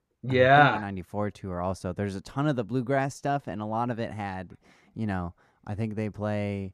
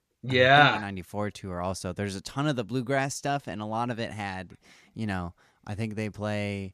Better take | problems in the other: second | muffled; slightly; fading above 2 kHz

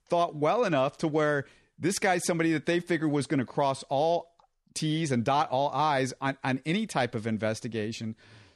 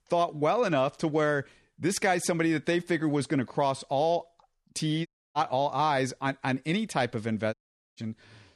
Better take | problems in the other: first | audio cutting out; at 5 s and at 7.5 s

